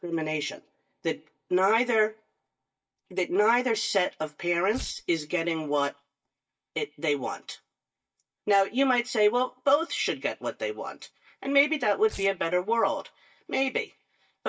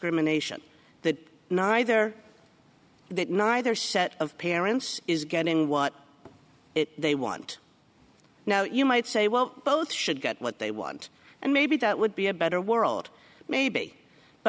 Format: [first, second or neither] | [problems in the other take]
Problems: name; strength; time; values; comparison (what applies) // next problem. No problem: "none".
second | noise reduction (neural mask model DeepFilterNet 3)